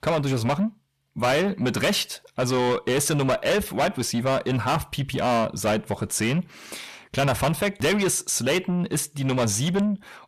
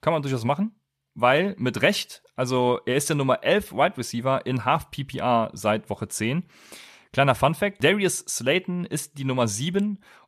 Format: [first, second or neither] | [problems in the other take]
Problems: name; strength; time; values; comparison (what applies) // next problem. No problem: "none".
second | distortion; heavy; 6 dB below the speech